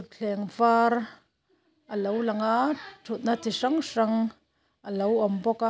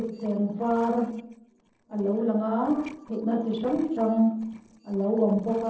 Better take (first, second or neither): first